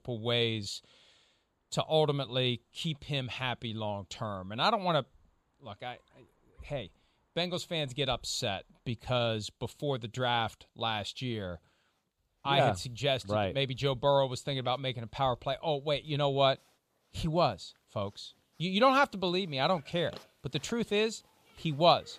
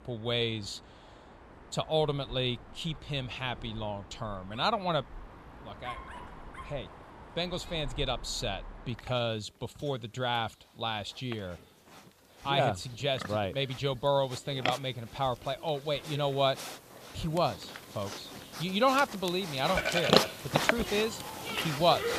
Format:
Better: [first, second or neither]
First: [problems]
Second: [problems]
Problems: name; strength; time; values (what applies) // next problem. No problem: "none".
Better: first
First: animal sounds; faint; throughout; 30 dB below the speech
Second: animal sounds; loud; throughout; 3 dB below the speech